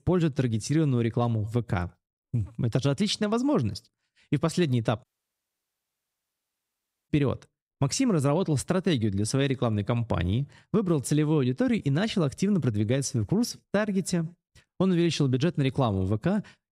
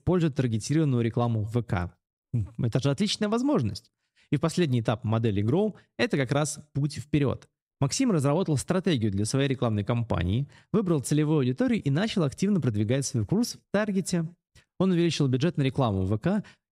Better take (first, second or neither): second